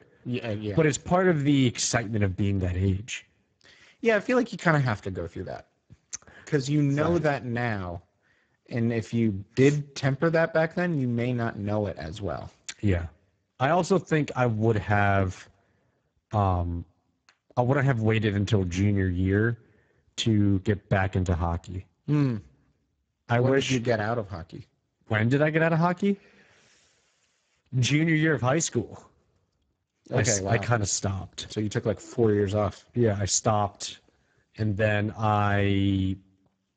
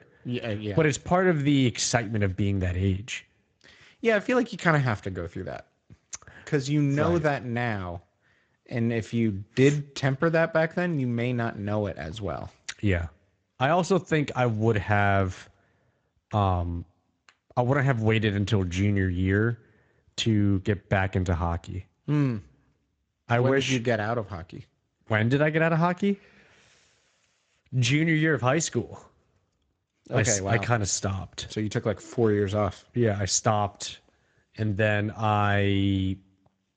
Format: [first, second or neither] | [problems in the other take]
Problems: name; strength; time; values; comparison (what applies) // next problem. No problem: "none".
second | garbled, watery; badly; nothing above 7.5 kHz; slightly in the second